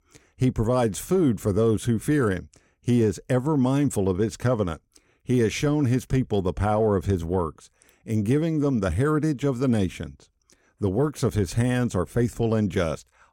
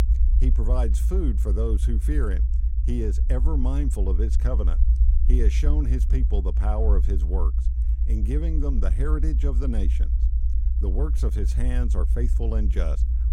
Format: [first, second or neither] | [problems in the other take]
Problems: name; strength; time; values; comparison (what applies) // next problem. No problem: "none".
first | low rumble; loud; throughout; 9 dB below the speech